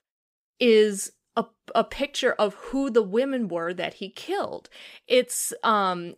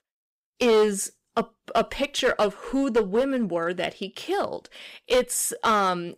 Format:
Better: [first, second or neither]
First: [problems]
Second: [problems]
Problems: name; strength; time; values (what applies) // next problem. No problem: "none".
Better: first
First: none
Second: distortion; slight; 6% of the sound clipped